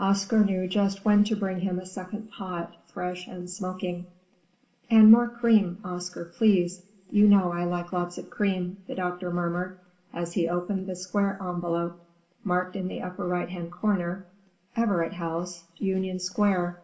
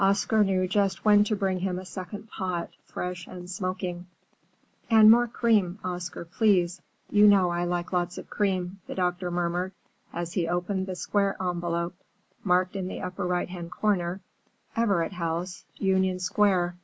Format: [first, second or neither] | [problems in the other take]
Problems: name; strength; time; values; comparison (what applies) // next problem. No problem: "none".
second | room echo; dies away in 0.5 s